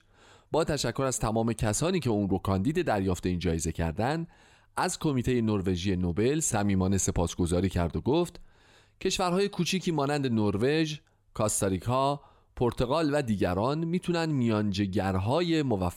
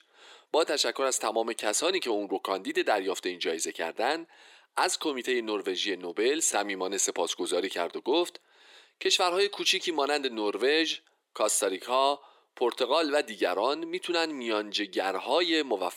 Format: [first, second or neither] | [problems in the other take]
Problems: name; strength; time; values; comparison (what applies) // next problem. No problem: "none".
first | thin; very; fading below 350 Hz